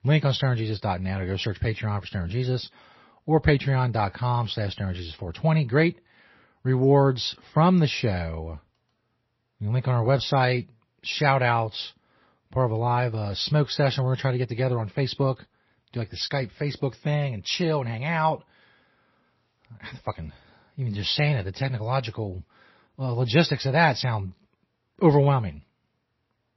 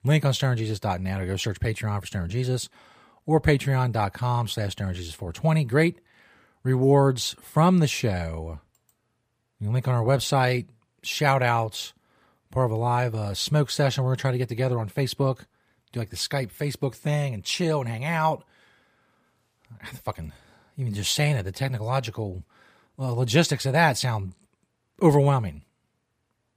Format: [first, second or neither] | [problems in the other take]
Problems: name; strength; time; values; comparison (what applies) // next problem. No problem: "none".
second | garbled, watery; slightly; nothing above 5.5 kHz